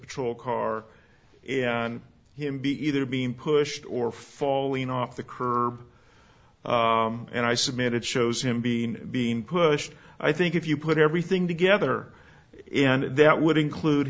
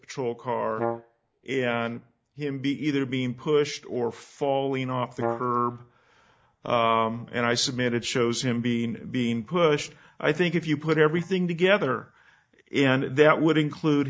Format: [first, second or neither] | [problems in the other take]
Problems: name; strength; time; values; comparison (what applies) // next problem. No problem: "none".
first | noise reduction (neural mask model DeepFilterNet 3)